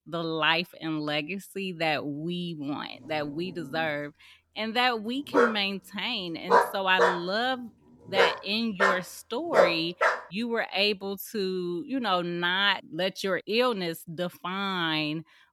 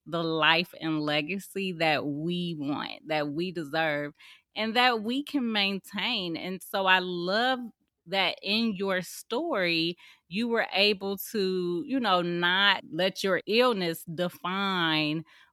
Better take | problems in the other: second | dog barking; loud; from 5.5 to 10 s; peak 5 dB above the speech

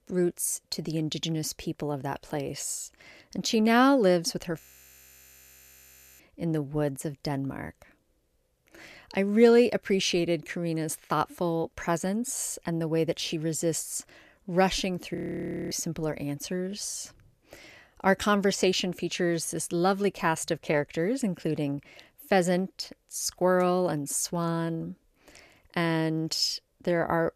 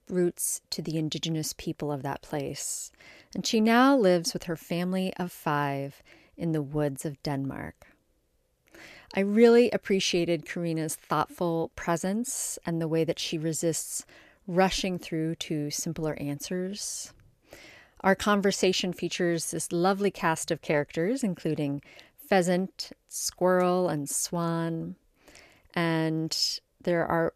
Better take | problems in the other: second | audio freezing; at 4.5 s for 1.5 s and at 15 s for 0.5 s

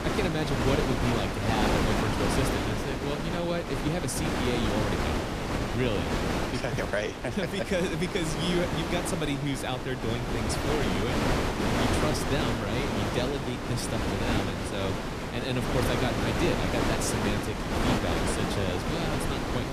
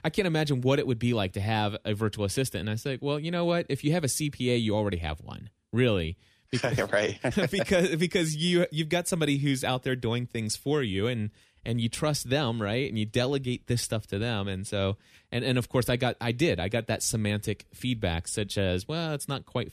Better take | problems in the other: second | wind noise on the microphone; heavy; 3 dB above the speech

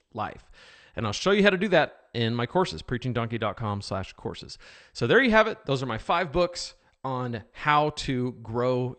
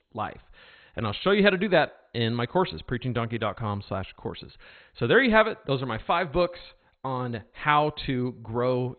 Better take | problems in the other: first | garbled, watery; badly; nothing above 4 kHz; slightly in the first

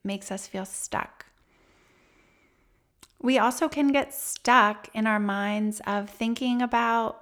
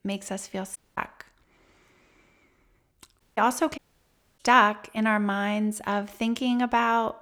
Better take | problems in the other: first | audio cutting out; at 1 s, at 3 s and at 4 s for 0.5 s

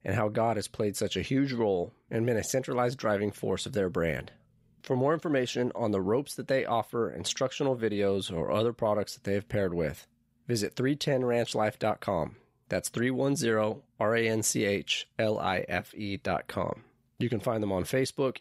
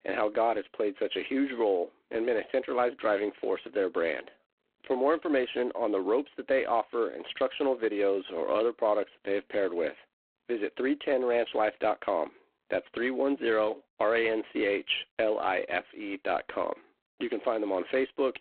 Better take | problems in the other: first | phone-call audio; poor line

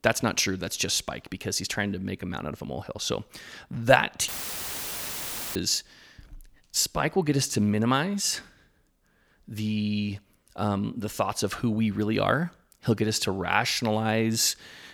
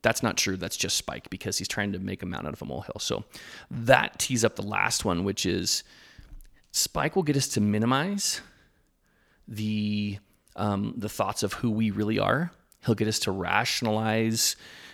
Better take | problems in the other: second | audio cutting out; filled with static; at 4.5 s for 1.5 s

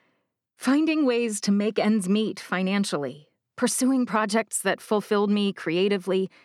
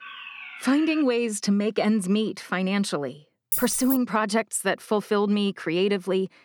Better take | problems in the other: first | alarm; faint; until 1 s; peak 15 dB below the speech // jangling keys; noticeable; at 3.5 s; peak 2 dB below the speech

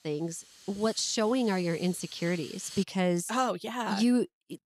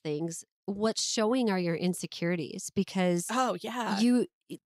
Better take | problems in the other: second | hiss; noticeable; until 3 s; 15 dB below the speech

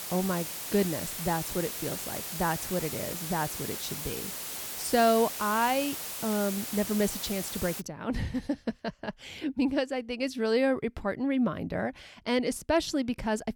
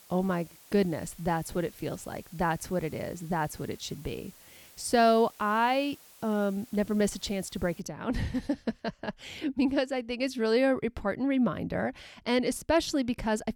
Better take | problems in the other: second | hiss; loud; until 8 s; 4 dB below the speech; faint in the second

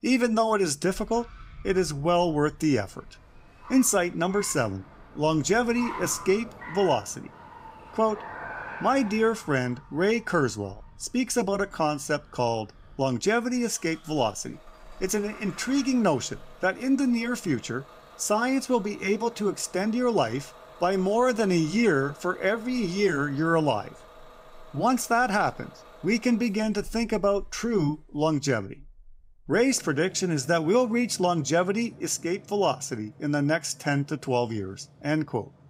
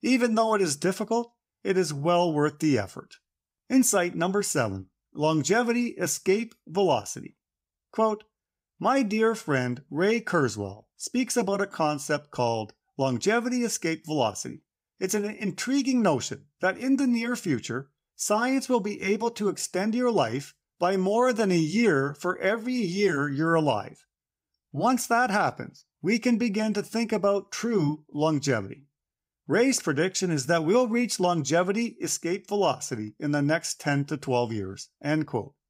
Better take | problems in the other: second | traffic noise; faint; throughout; 20 dB below the speech

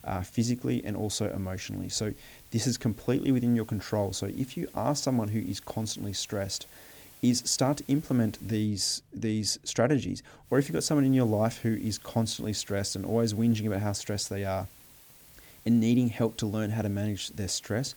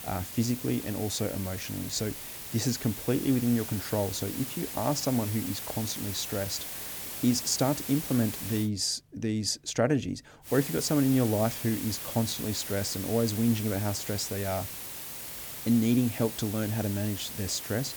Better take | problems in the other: first | hiss; loud; until 8.5 s and from 10 s on; 7 dB below the speech; faint in the first

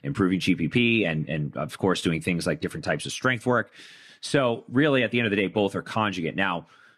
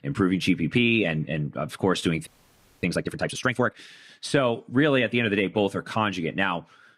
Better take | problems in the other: first | audio freezing; at 2.5 s for 0.5 s

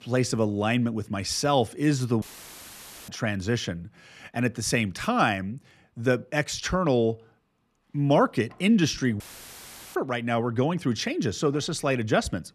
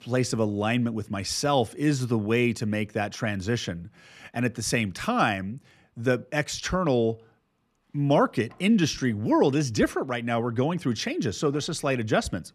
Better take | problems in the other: second | audio cutting out; filled with static; at 2 s for 1 s and at 9 s for 1 s

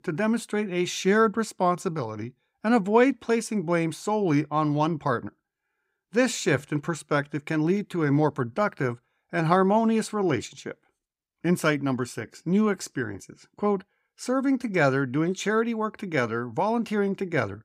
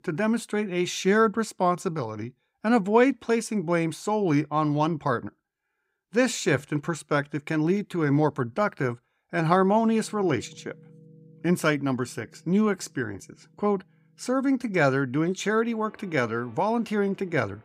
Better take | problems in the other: first | background music; faint; from 10 s on; 30 dB below the speech

